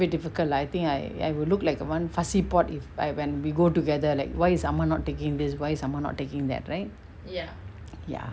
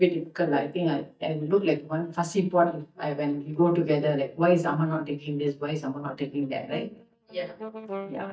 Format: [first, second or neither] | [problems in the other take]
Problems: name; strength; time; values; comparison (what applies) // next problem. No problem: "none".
first | noise reduction (neural mask model DeepFilterNet 3)